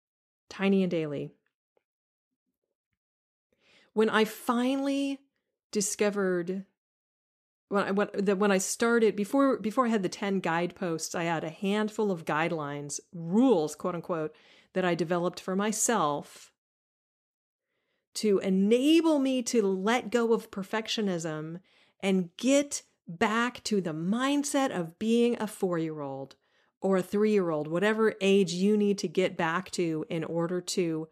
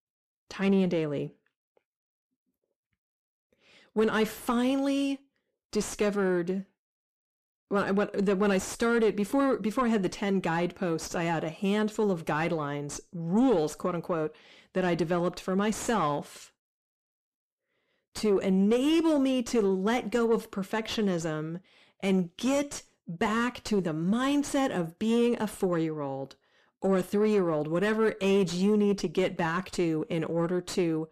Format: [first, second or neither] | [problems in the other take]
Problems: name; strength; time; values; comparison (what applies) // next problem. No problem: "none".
first | distortion; slight; 10 dB below the speech